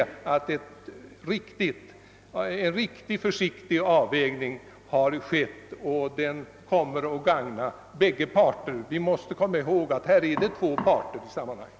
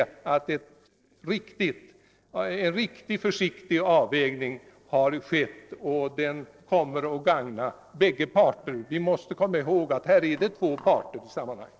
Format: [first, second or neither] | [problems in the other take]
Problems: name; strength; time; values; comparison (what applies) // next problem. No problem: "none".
first | noise reduction (neural separator model SepFormer DNS4)